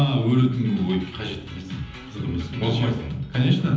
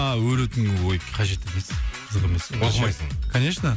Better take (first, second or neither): second